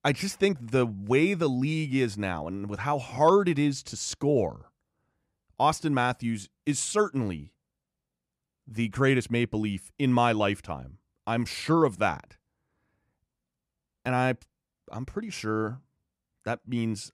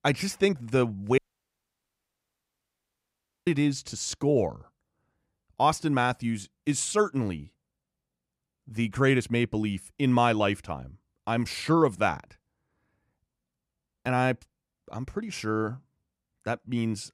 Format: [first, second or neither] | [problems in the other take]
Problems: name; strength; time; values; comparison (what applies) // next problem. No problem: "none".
first | audio cutting out; at 1 s for 2.5 s